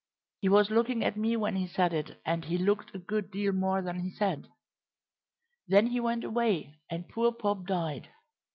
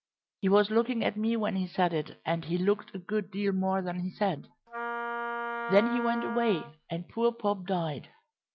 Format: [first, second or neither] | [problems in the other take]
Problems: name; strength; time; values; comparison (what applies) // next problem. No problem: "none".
first | background sound (Wind instrument, woodwind instrument); 7 dB below the speech